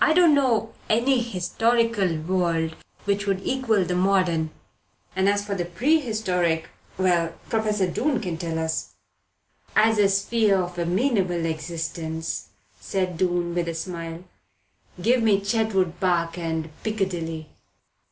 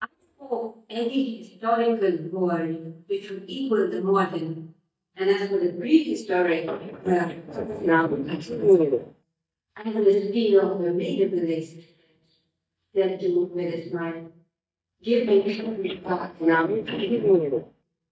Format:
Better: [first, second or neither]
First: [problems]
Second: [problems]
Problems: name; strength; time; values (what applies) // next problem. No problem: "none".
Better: first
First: none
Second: noise reduction (neural mask model DeepFilterNet 3)